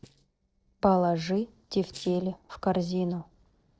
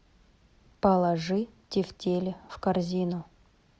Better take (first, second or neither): second